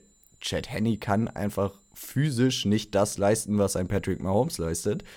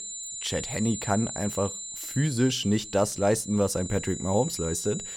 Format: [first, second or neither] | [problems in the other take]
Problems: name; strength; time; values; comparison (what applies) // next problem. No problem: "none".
first | high-pitched whine; loud; throughout; 7 kHz, 8 dB below the speech; faint in the first